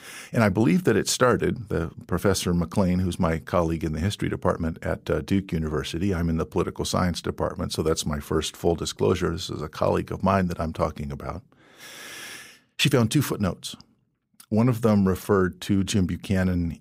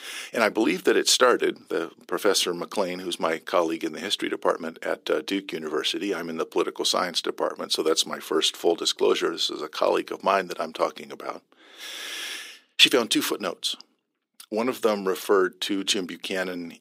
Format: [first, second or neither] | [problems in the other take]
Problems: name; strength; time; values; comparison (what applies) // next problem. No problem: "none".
first | thin; somewhat; fading below 300 Hz